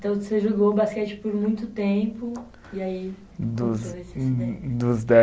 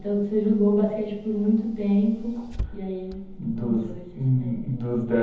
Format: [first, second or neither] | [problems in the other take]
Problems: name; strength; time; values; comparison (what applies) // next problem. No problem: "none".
first | background sound (Engine / Car); 14 dB below the speech // room echo; dies away in 1.3 s